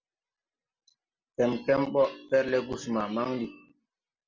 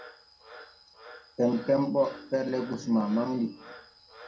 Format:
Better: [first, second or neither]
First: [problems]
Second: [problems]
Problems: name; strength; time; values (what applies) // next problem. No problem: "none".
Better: first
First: none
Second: background sound (Frog); 20 dB below the speech // room echo; dies away in 0.2 s